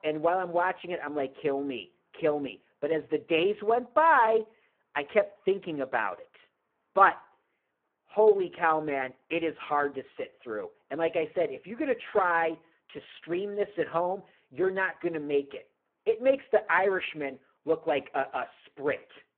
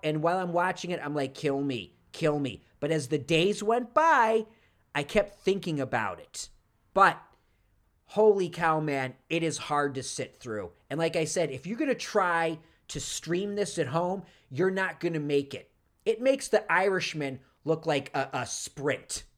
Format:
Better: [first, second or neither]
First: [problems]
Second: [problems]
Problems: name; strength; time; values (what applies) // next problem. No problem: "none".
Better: second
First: phone-call audio; poor line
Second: none